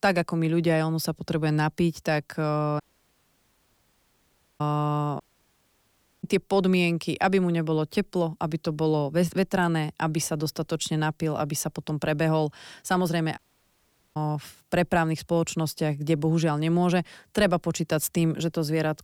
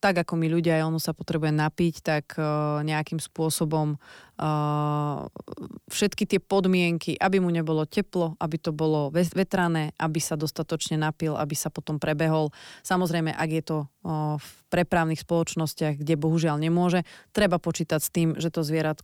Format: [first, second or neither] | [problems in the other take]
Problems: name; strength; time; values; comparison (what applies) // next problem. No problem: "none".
second | audio cutting out; at 3 s for 2 s, at 5 s for 1 s and at 13 s for 1 s